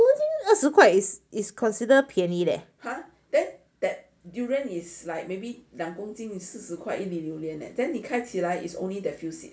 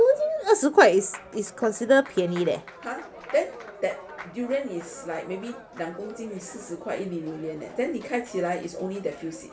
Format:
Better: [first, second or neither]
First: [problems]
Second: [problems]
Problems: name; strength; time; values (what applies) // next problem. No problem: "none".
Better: first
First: none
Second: background sound (Applause); 18 dB below the speech